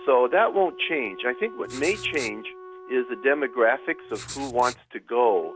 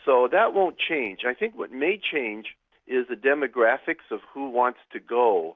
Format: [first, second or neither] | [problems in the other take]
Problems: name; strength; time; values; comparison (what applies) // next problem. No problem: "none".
second | background sound (Wind instrument, woodwind instrument + Writing); 15 dB below the speech